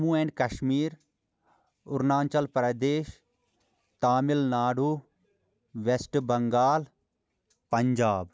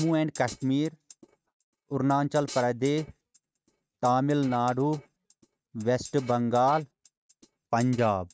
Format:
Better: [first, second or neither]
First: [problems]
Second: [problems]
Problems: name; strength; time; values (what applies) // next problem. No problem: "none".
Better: first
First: none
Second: noise reduction (neural mask model RNNoise)